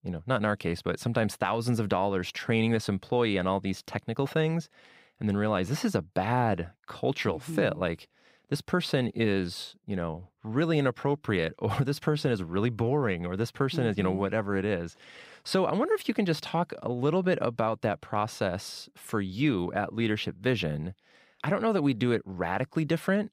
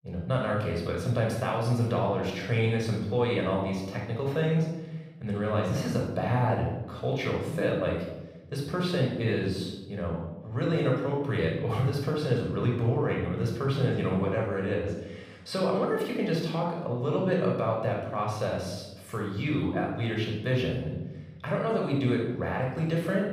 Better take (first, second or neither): first